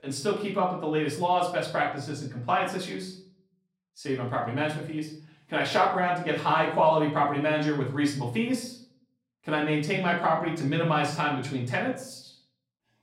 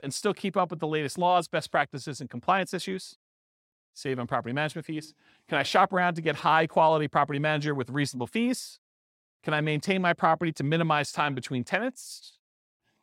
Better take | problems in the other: second | off-mic speech; far // room echo; slight; dies away in 0.5 s

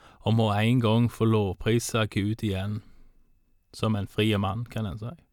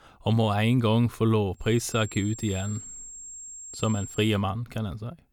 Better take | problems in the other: first | high-pitched whine; noticeable; from 1.5 to 4 s; 7.5 kHz, 15 dB below the speech

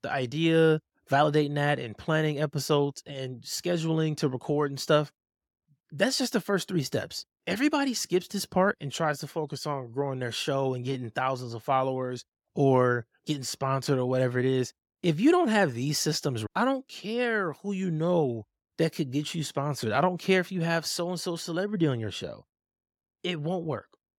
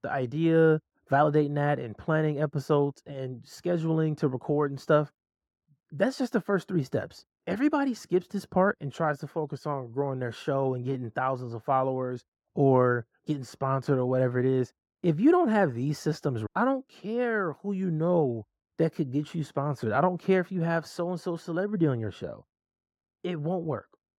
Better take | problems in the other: first | muffled; slightly; fading above 2 kHz

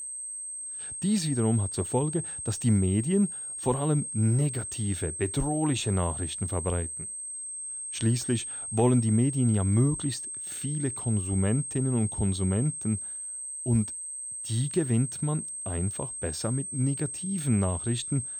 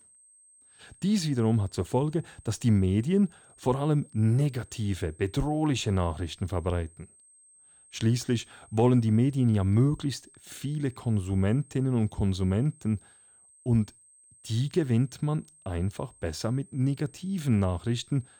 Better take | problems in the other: second | high-pitched whine; loud; throughout; 8.5 kHz, 5 dB below the speech; faint in the second

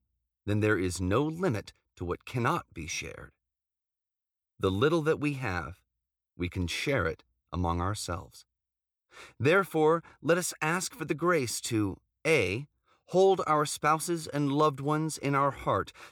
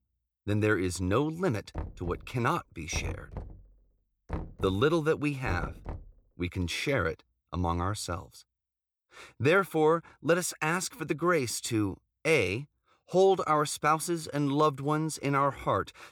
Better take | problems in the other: first | door banging; noticeable; from 2 to 6 s; peak 10 dB below the speech

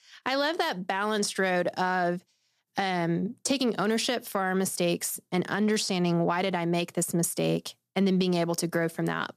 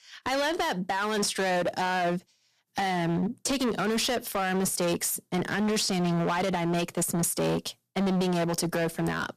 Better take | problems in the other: first | distortion; heavy; 22% of the sound clipped

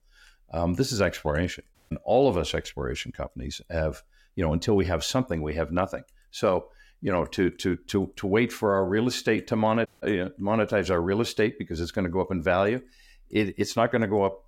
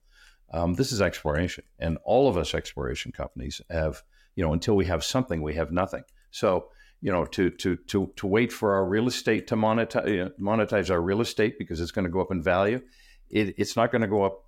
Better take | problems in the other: second | audio cutting out; at 1.5 s and at 10 s

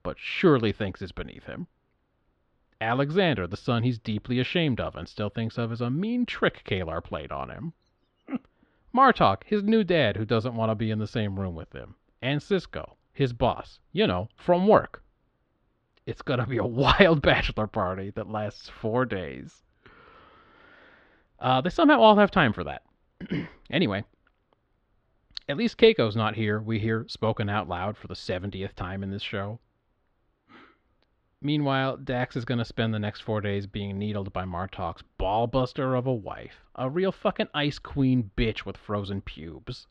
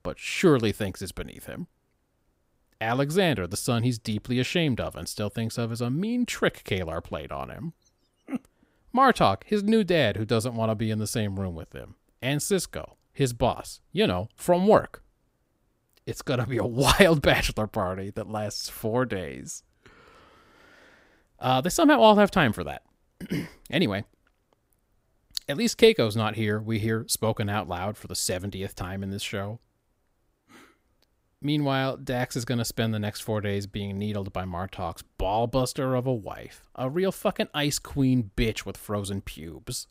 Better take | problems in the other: second | muffled; slightly; fading above 3.5 kHz

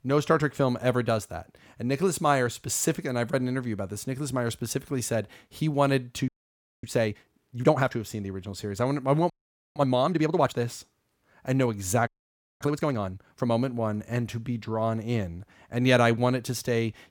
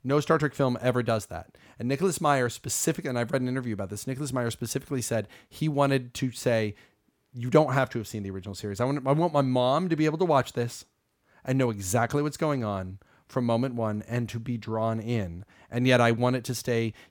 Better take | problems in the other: second | audio freezing; at 6.5 s for 0.5 s, at 9.5 s and at 12 s for 0.5 s

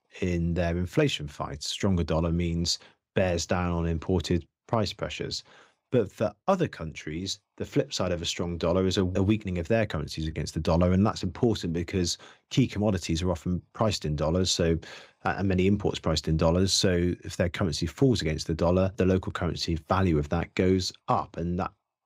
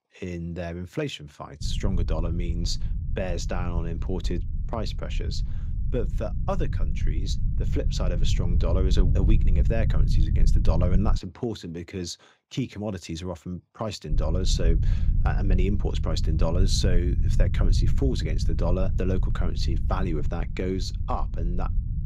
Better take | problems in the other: first | low rumble; loud; from 1.5 to 11 s and from 14 s on; 10 dB below the speech

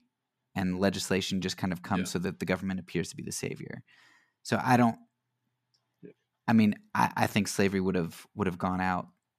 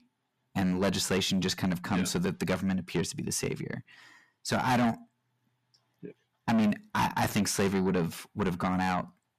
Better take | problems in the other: first | distortion; heavy; 6 dB below the speech

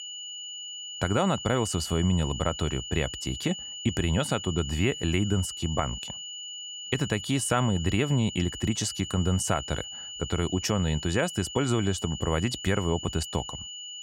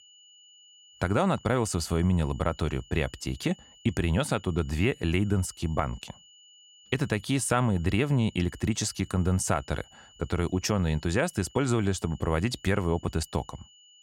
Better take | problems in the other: second | high-pitched whine; loud; throughout; 3 kHz, 8 dB below the speech; faint in the second

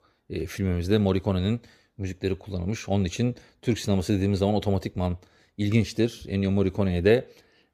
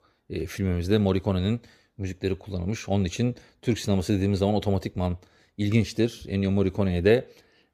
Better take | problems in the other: neither | none

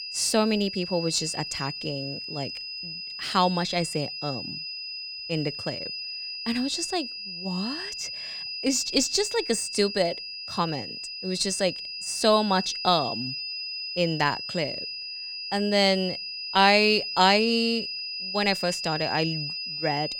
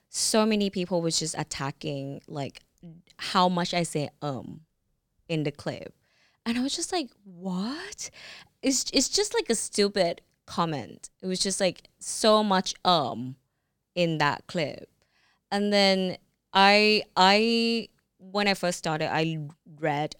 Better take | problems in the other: second | high-pitched whine; loud; throughout; 5 kHz, 6 dB below the speech

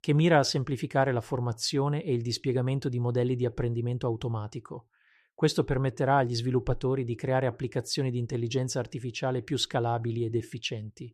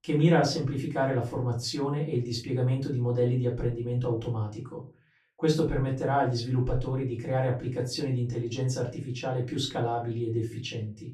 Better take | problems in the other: first | off-mic speech; far // room echo; slight; dies away in 0.3 s

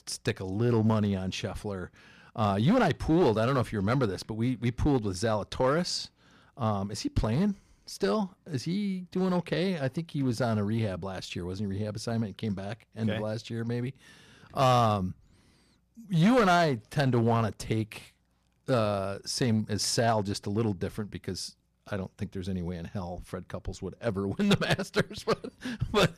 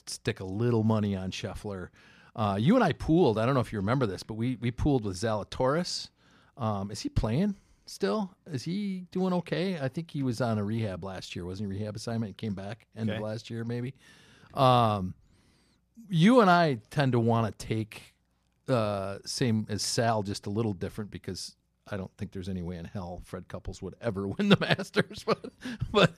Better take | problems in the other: second | distortion; slight; 4% of the sound clipped

